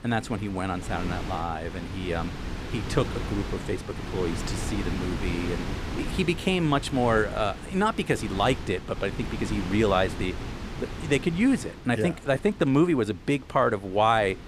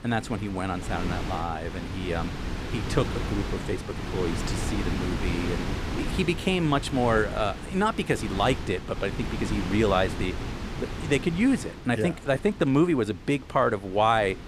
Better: first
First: wind noise on the microphone; occasional gusts; 10 dB below the speech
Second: wind noise on the microphone; heavy; 9 dB below the speech

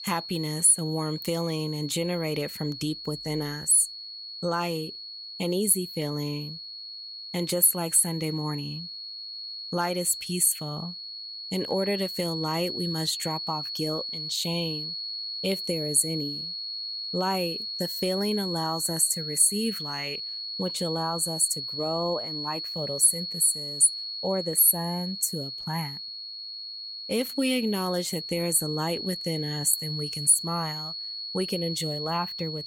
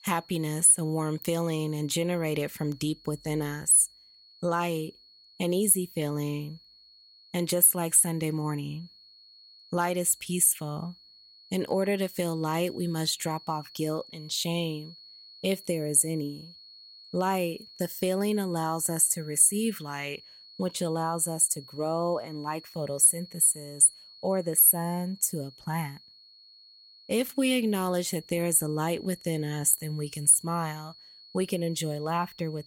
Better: second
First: high-pitched whine; loud; throughout; 4.5 kHz, 7 dB below the speech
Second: high-pitched whine; faint; throughout; 4.5 kHz, 25 dB below the speech

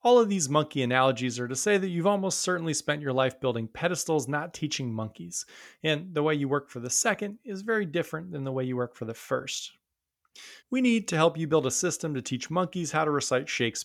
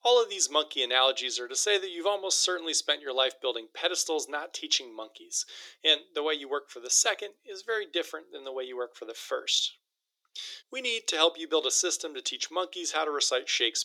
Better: first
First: none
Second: thin; very; fading below 350 Hz

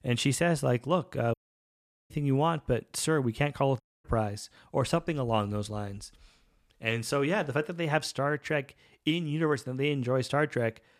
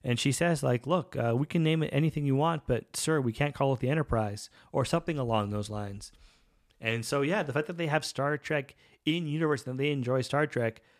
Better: second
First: audio cutting out; at 1.5 s for 1 s and at 4 s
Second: none

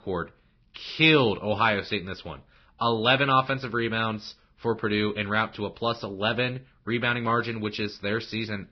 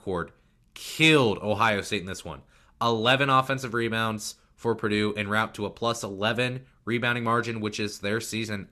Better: second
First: garbled, watery; badly; nothing above 5.5 kHz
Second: none

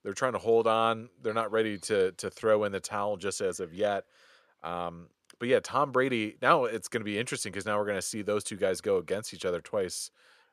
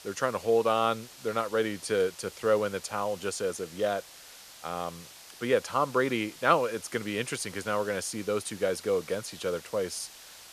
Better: first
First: none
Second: hiss; noticeable; throughout; 15 dB below the speech

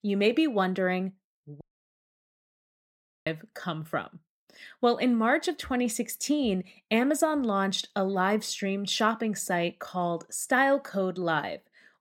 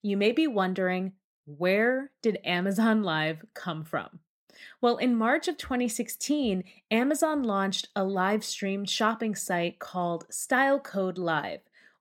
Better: second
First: audio cutting out; at 1.5 s for 1.5 s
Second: none

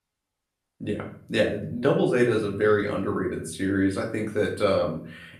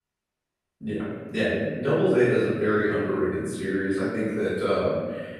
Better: first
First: room echo; slight; dies away in 0.4 s // off-mic speech; far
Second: room echo; strong; dies away in 1.4 s // off-mic speech; far

